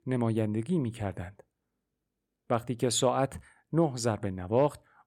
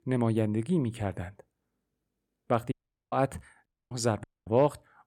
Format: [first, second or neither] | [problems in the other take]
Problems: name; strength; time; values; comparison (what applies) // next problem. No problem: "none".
first | audio cutting out; at 2.5 s, at 3.5 s and at 4 s